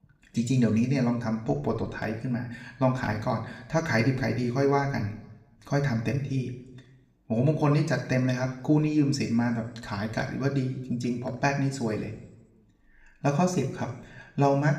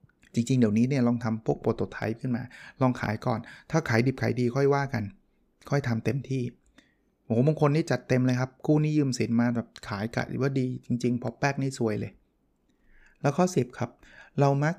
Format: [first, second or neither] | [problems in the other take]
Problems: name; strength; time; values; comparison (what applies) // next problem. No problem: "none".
second | room echo; slight; dies away in 0.8 s